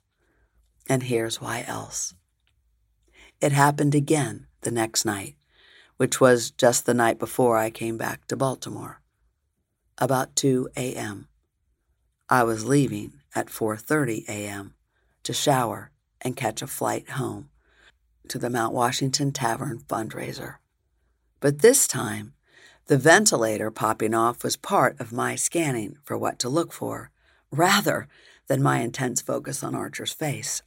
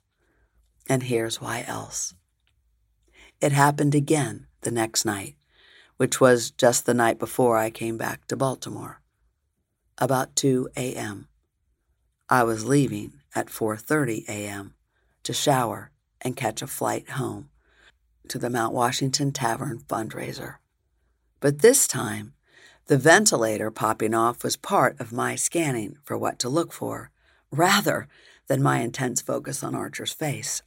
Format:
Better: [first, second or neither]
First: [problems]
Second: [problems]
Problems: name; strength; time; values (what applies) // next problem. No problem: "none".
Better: neither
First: none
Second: none